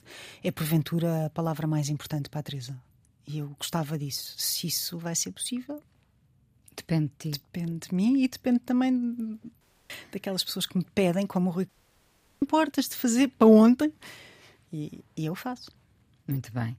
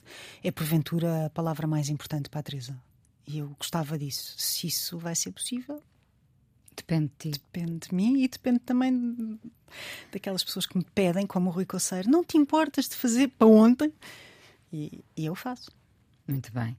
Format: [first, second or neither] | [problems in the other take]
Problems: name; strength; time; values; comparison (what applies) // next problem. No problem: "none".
second | audio cutting out; at 9.5 s and at 12 s for 0.5 s